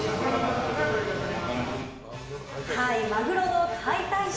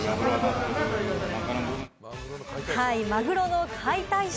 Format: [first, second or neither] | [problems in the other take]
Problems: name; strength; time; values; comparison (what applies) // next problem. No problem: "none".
second | room echo; dies away in 0.9 s